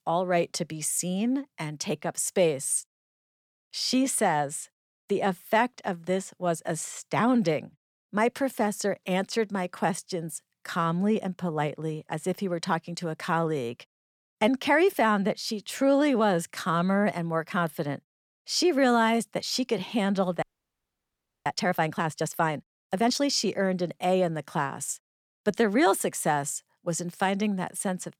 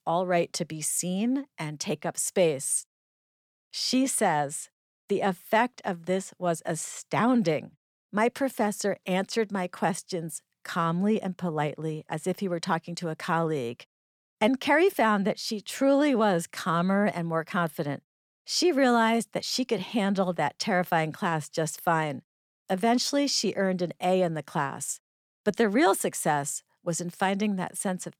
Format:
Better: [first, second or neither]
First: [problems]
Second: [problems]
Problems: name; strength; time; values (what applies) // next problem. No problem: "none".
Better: second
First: audio freezing; at 20 s for 1 s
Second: none